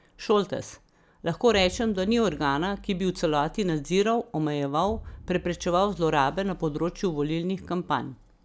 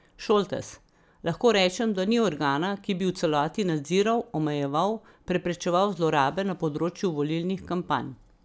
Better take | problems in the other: second | background sound (Explosion); 18 dB below the speech

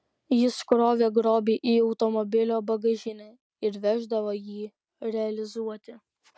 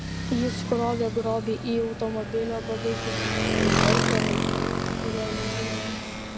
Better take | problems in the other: first | background sound (Motorcycle); 3 dB above the speech

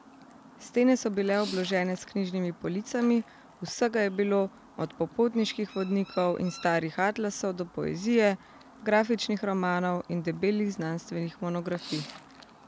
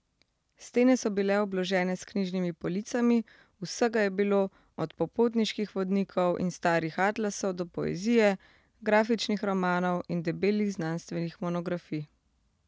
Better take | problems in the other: second | background sound (Chirp, tweet); 20 dB below the speech

